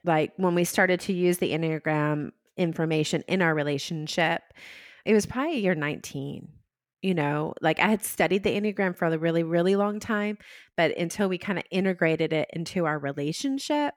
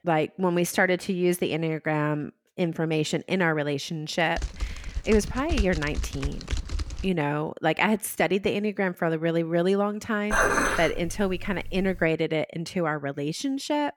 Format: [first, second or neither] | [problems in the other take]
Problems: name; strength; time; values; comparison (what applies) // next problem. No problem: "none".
first | keyboard typing; noticeable; from 4.5 to 7 s; peak 4 dB below the speech // clattering dishes; loud; from 10 to 12 s; peak 4 dB above the speech